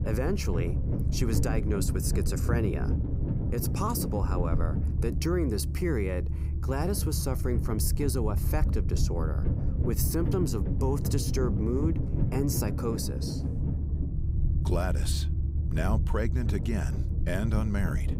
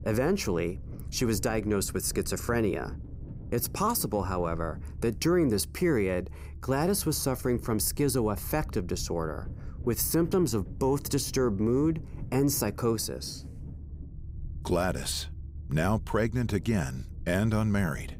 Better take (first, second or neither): second